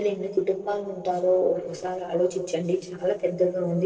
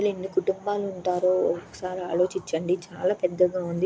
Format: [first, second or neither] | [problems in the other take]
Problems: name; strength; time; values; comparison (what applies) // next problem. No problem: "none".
second | noise reduction (neural separator model SepFormer DNS4)